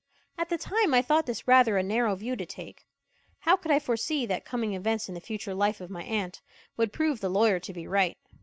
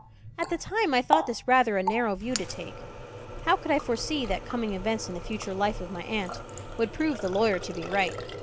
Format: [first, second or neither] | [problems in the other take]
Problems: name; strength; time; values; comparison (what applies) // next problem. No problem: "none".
first | background sound (Water tap, faucet); 8 dB below the speech